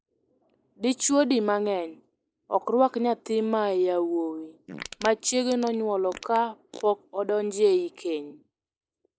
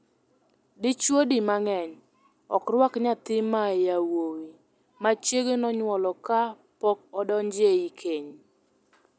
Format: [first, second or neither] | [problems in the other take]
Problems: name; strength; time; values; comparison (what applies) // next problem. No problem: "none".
second | noise reduction (neural mask model Resemble Enhance denoiser)